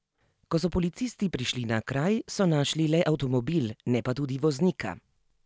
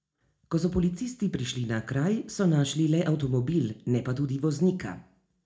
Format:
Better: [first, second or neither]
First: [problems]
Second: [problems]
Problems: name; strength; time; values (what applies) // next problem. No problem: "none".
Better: first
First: none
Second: room echo; dies away in 0.4 s